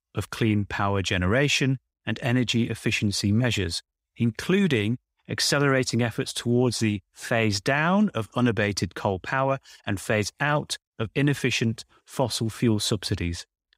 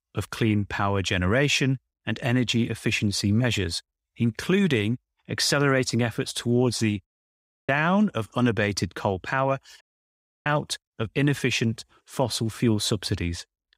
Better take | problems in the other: first | audio cutting out; at 7 s for 0.5 s and at 10 s for 0.5 s

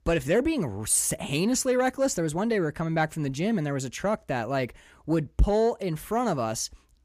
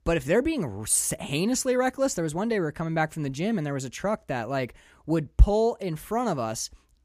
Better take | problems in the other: second | distortion; slight; 10 dB below the speech

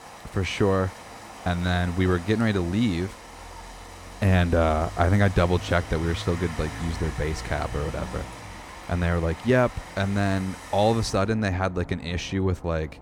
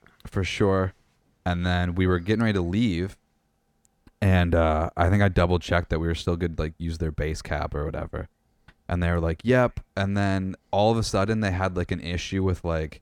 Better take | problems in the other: second | rain or running water; noticeable; throughout; 15 dB below the speech

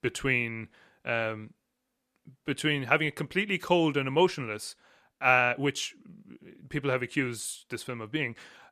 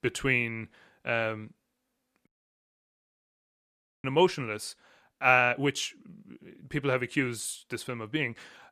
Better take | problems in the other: first | audio cutting out; at 2.5 s for 2 s

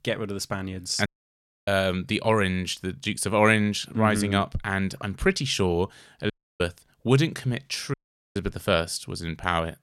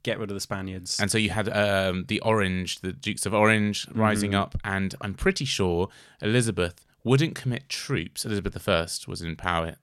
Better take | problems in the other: second | audio cutting out; at 1 s for 0.5 s, at 6.5 s and at 8 s

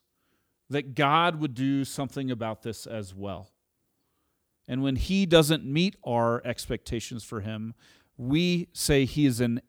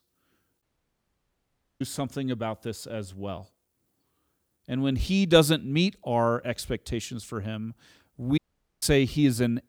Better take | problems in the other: first | audio cutting out; at 0.5 s for 1 s and at 8.5 s

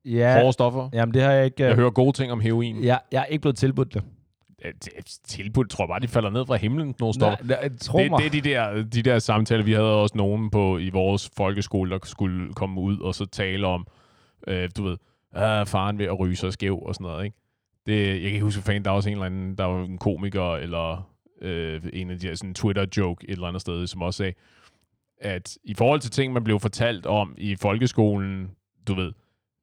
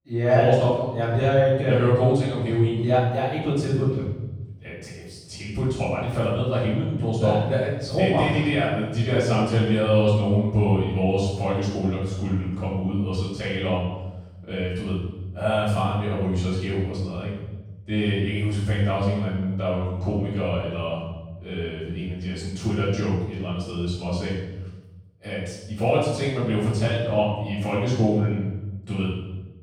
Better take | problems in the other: first | off-mic speech; far // room echo; strong; dies away in 1 s

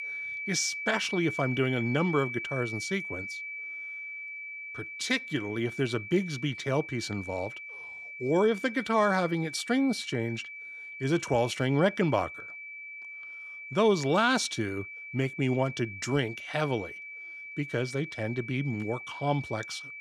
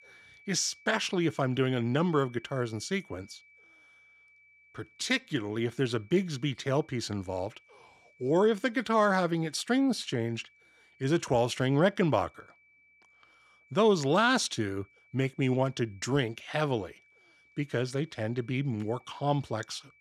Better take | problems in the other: second | high-pitched whine; loud; throughout; 2.5 kHz, 9 dB below the speech; faint in the second

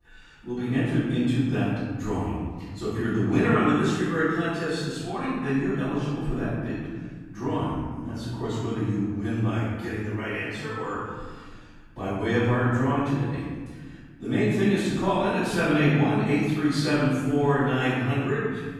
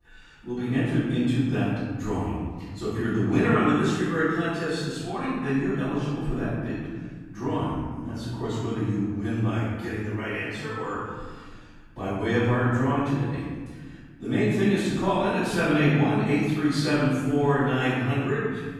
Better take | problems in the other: neither | room echo; strong; dies away in 1.6 s; the same in both // off-mic speech; far; the same in both

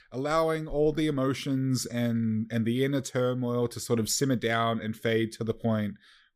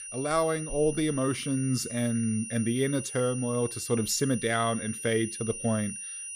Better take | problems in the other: first | high-pitched whine; loud; throughout; 9.5 kHz, 8 dB below the speech

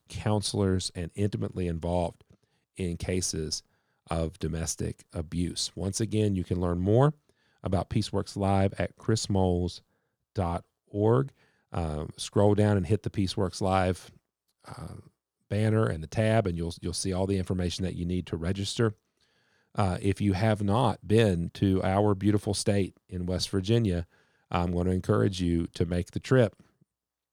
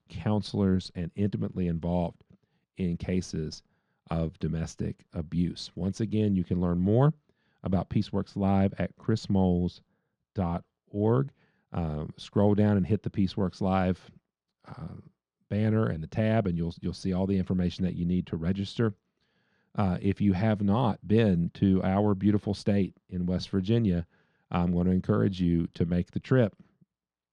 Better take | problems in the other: first | muffled; very slightly; fading above 3.5 kHz

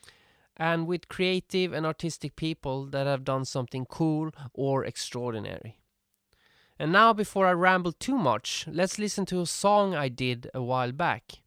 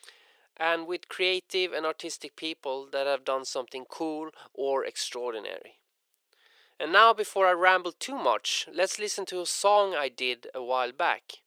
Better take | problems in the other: first | thin; very; fading below 400 Hz

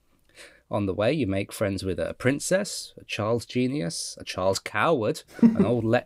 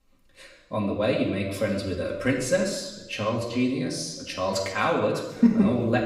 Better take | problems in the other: first | room echo; noticeable; dies away in 0.9 s // off-mic speech; somewhat distant

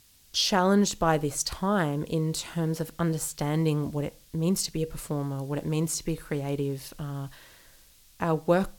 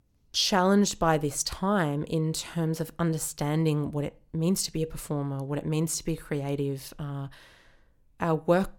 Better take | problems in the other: second | hiss; faint; throughout; 25 dB below the speech

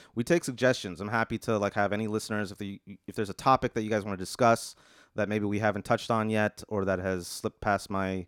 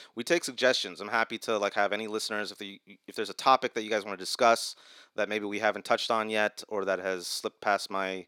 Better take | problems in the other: first | thin; somewhat; fading below 350 Hz

